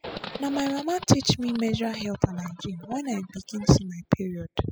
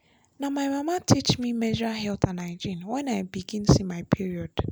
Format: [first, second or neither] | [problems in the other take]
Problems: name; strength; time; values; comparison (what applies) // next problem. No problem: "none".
second | noise reduction (classical method spectral subtraction)